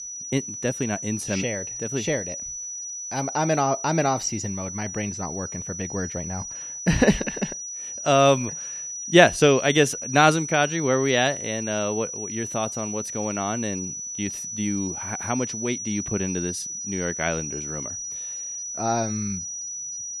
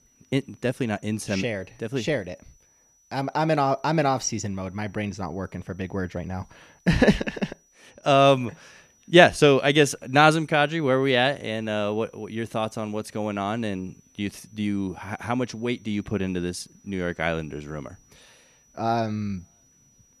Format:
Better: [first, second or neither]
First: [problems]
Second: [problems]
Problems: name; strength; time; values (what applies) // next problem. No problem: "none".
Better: second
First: high-pitched whine; loud; throughout; 6 kHz, 6 dB below the speech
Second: high-pitched whine; faint; throughout; 6 kHz, 35 dB below the speech